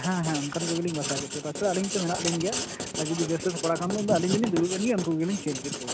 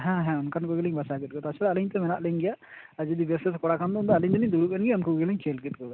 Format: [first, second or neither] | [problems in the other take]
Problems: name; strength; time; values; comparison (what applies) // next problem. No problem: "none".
second | background sound (Writing); 6 dB below the speech